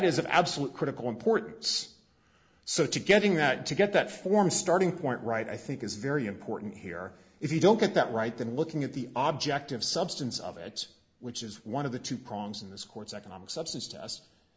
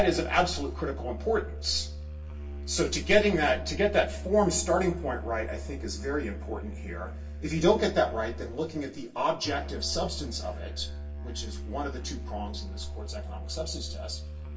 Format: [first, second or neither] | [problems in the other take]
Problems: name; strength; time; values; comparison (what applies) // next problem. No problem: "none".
first | background sound (Musical instrument); 8 dB below the speech // room echo; dies away in 0.2 s